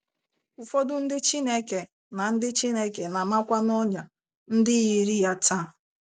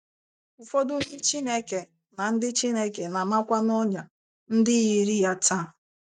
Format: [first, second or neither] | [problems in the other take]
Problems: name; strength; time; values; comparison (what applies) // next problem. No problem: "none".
first | noise reduction (neural mask model DeepFilterNet 3)